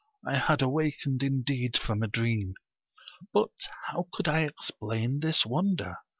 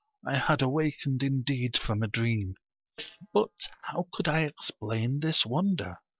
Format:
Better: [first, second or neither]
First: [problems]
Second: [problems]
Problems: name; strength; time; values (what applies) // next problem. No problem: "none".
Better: first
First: none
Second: noise reduction (neural separator model SepFormer DNS4)